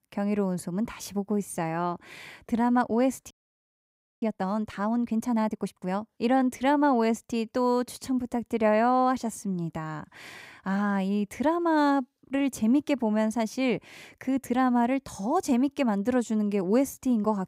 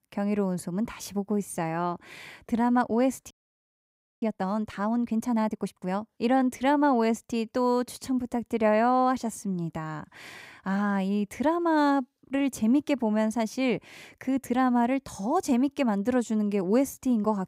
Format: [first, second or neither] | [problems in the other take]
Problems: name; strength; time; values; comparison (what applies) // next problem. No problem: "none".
neither | audio freezing; at 3.5 s for 1 s; the same in both